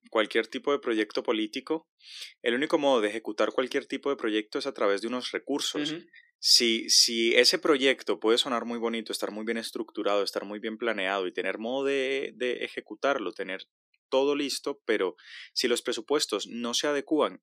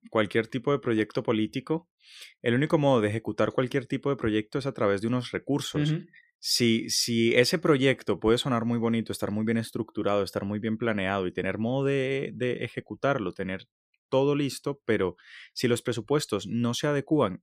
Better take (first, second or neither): second